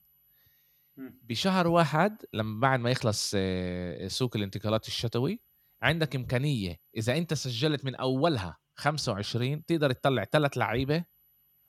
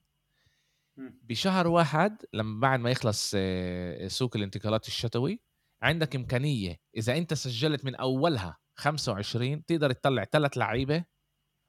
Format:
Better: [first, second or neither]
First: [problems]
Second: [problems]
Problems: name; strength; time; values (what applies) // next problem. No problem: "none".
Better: second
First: high-pitched whine; faint; until 2.5 s, from 4 to 7.5 s and from 9.5 s on; 12 kHz, 35 dB below the speech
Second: none